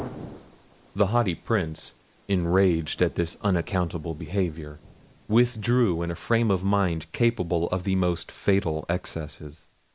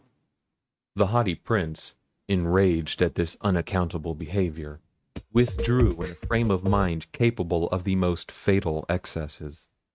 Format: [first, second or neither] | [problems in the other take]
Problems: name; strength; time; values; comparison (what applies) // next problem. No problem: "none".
first | noise reduction (neural mask model RNNoise)